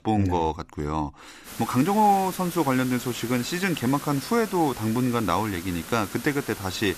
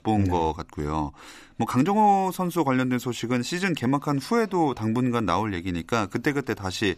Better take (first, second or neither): second